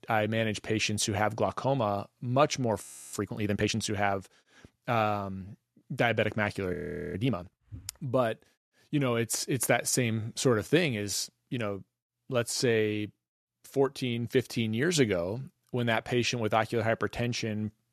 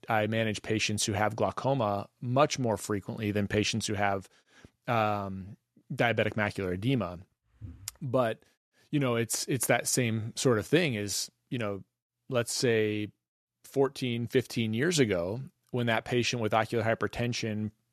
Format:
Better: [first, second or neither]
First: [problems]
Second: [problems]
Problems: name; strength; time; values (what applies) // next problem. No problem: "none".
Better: second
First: audio freezing; at 3 s and at 6.5 s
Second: none